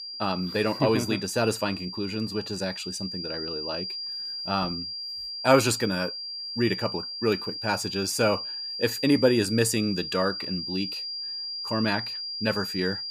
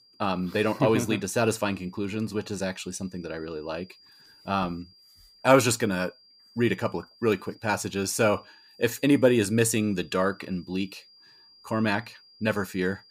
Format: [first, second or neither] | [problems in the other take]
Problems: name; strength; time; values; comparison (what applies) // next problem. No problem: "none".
second | high-pitched whine; loud; throughout; 5 kHz, 5 dB below the speech; faint in the second